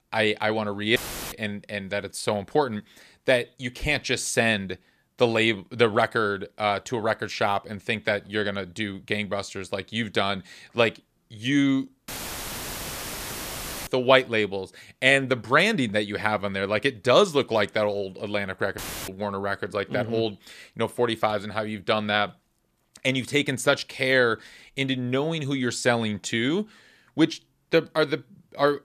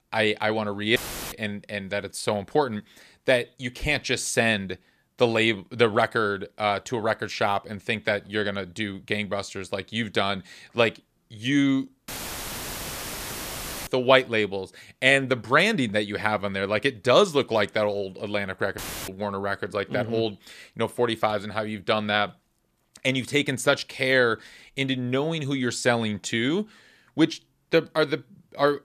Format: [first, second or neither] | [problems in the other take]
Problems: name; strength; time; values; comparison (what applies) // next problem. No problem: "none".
neither | audio cutting out; filled with static; at 1 s, at 12 s for 2 s and at 19 s; the same in both